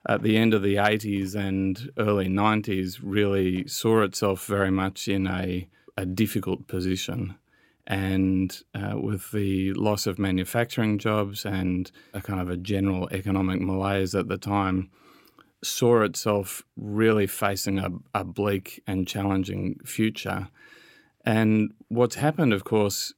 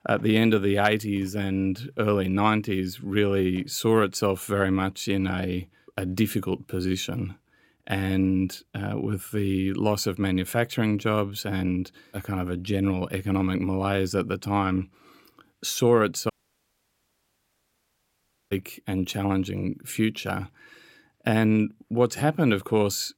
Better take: first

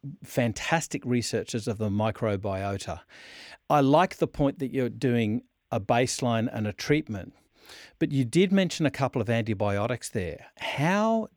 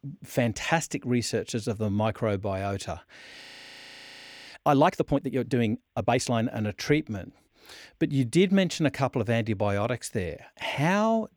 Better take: first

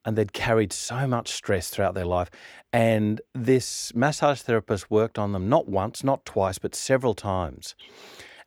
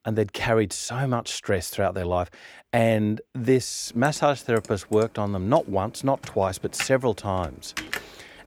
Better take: first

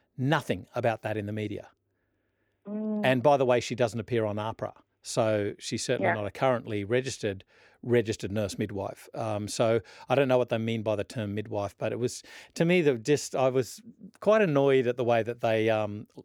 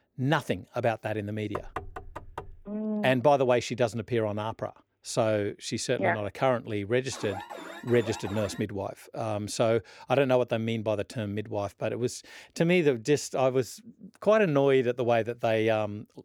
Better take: first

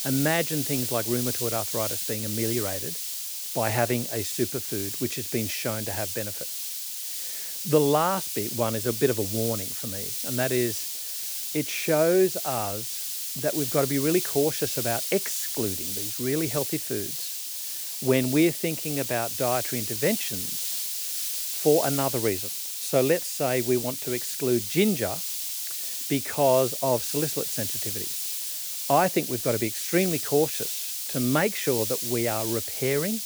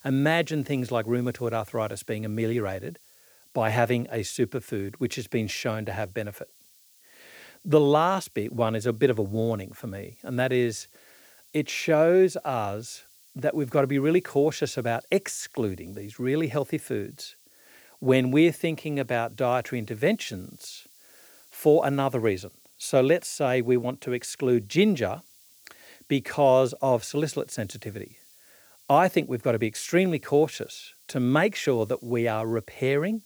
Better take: second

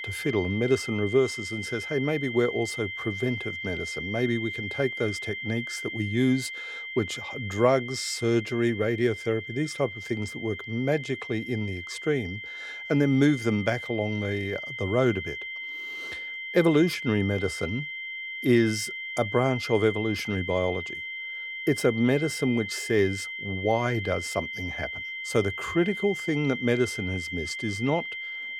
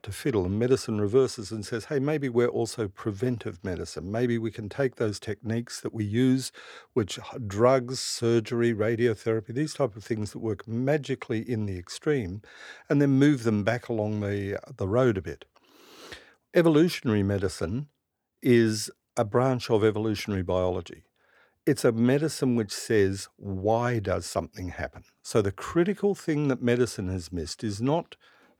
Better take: second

